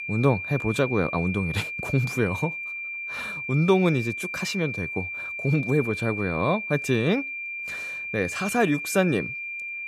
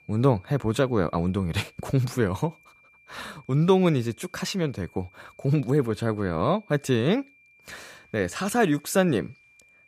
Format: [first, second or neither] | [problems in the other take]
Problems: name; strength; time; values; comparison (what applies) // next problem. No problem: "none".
second | high-pitched whine; loud; throughout; 2.5 kHz, 5 dB below the speech; faint in the second